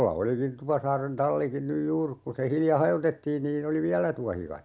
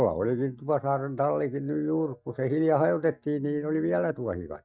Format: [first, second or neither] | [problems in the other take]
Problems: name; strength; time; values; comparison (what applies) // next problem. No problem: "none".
first | noise reduction (neural mask model DeepFilterNet 3)